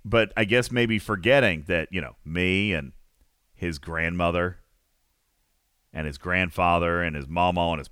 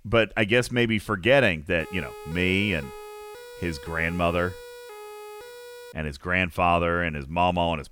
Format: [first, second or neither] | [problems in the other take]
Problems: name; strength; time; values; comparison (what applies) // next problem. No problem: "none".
first | siren; faint; from 2 to 6 s; peak 15 dB below the speech